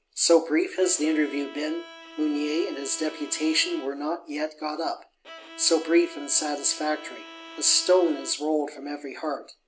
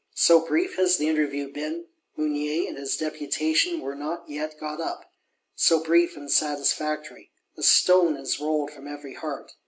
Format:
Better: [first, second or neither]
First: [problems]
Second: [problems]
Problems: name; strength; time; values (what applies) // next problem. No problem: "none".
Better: second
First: background sound (Bowed string instrument); 19 dB below the speech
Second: none